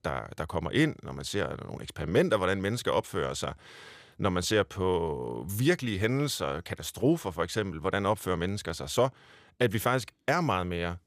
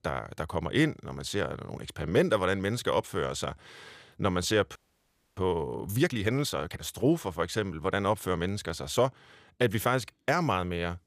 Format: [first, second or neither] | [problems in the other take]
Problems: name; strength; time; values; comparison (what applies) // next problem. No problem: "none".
first | audio freezing; at 5 s for 0.5 s